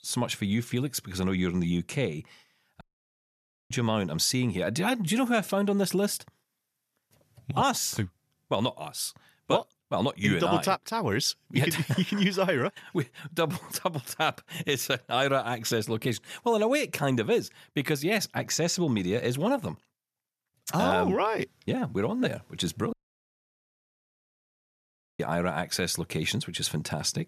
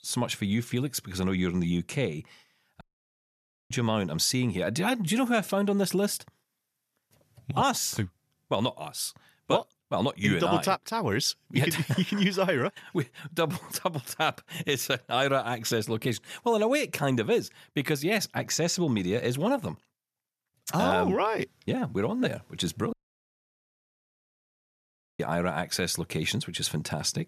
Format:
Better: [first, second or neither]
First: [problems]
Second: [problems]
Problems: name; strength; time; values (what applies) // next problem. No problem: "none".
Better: neither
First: audio cutting out; at 3 s for 1 s and at 23 s for 2.5 s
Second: audio cutting out; at 3 s for 1 s and at 23 s for 2.5 s